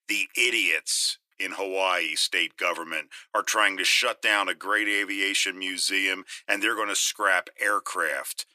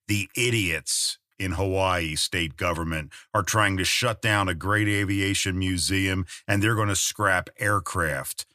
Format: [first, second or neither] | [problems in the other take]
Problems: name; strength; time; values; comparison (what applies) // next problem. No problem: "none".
second | thin; very; fading below 350 Hz